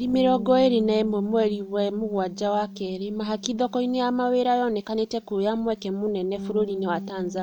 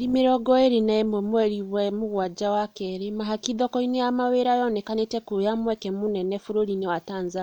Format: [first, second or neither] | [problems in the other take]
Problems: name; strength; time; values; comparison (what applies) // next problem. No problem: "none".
second | background sound (Bass guitar); 13 dB below the speech